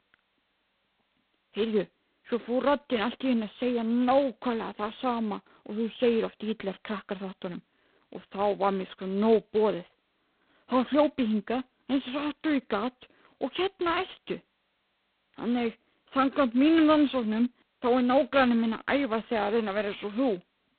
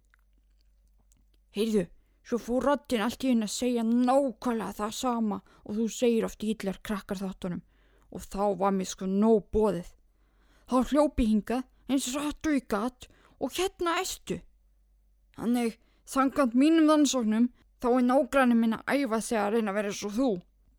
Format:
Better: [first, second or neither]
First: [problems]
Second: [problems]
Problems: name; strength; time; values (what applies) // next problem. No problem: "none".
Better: second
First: phone-call audio; poor line; nothing above 4 kHz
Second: none